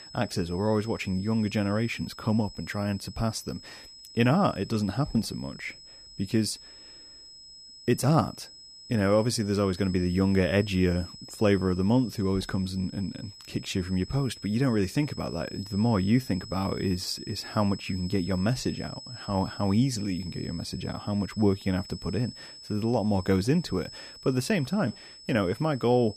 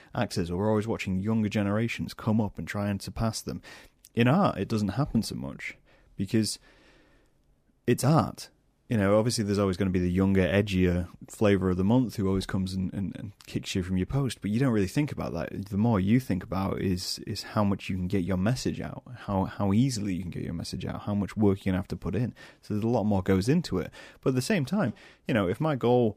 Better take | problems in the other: second | high-pitched whine; noticeable; throughout; 5 kHz, 15 dB below the speech

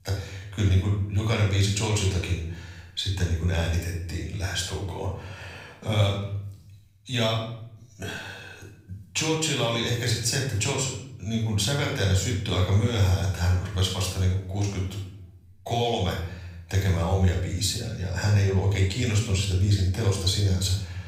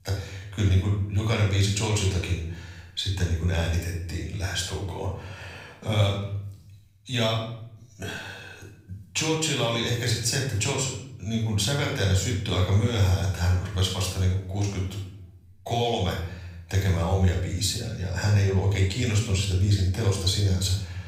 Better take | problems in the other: neither | off-mic speech; far; the same in both // room echo; noticeable; dies away in 0.7 s; the same in both

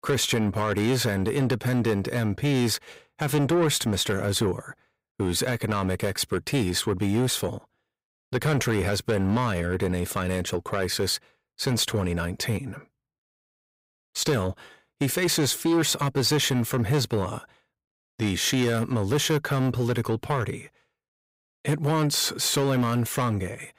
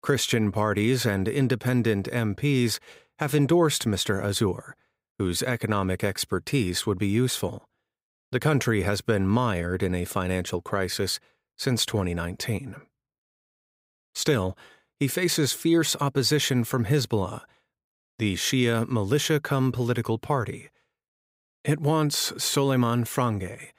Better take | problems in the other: second | distortion; slight; 10 dB below the speech

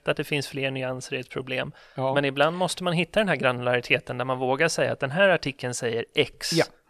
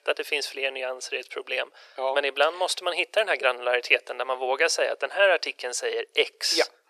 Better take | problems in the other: first | thin; very; fading below 400 Hz

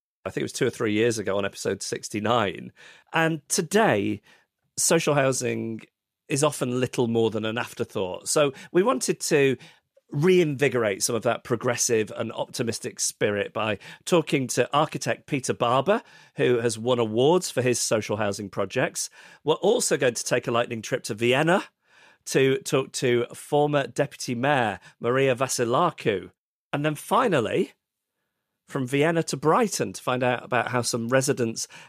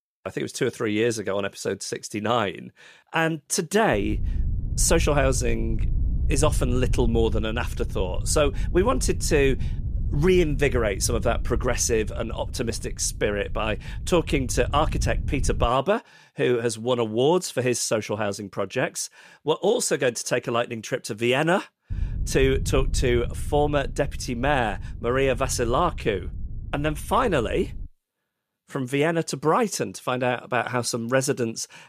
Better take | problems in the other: first | low rumble; faint; from 4 to 16 s and from 22 to 28 s; 20 dB below the speech

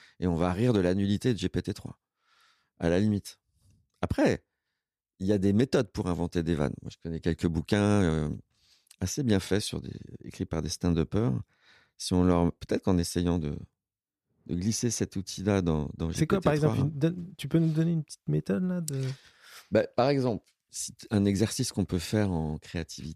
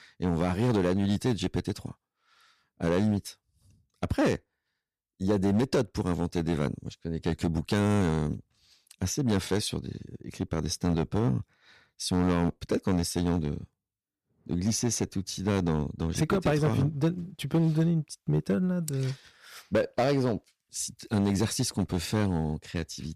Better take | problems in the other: first | distortion; slight; 5% of the sound clipped

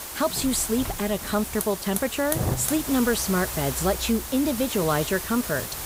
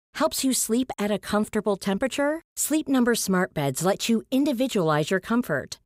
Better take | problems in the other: second | hiss; loud; throughout; 5 dB below the speech

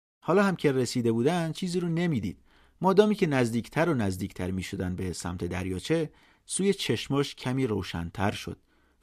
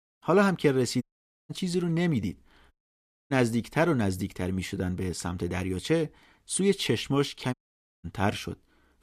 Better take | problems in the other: first | audio cutting out; at 1 s, at 2.5 s for 0.5 s and at 7.5 s

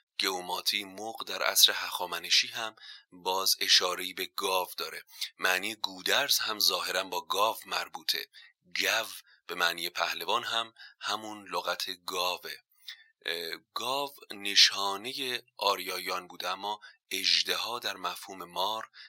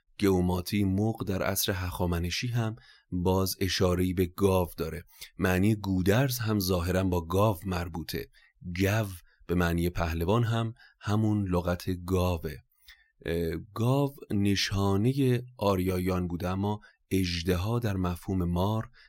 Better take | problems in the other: second | thin; very; fading below 900 Hz

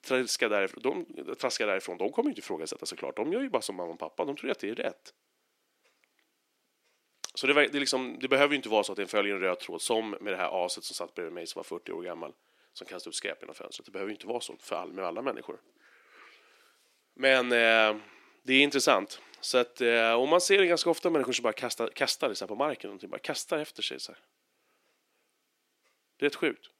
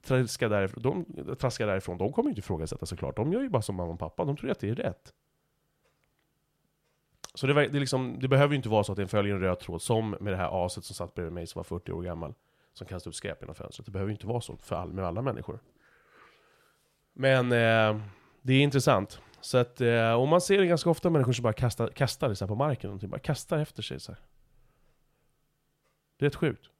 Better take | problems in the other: second | thin; somewhat; fading below 300 Hz

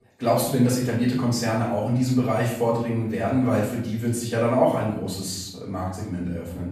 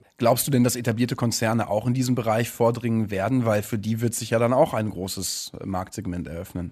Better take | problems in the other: second | off-mic speech; far // room echo; noticeable; dies away in 0.7 s

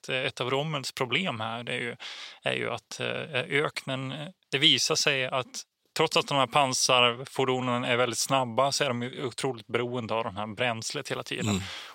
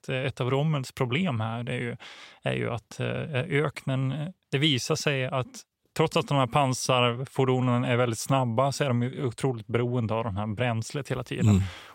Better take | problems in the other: second | thin; somewhat; fading below 900 Hz

